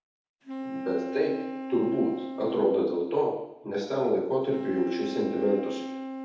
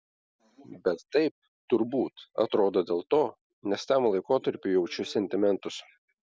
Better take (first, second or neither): second